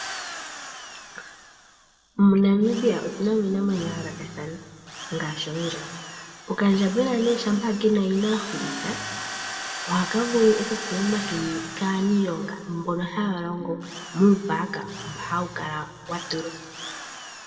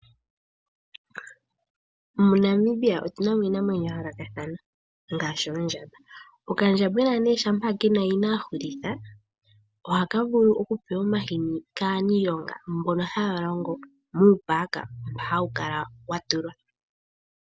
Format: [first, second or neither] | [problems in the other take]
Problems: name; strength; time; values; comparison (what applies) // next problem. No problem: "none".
second | background sound (Drill); 12 dB below the speech // room echo; dies away in 1.7 s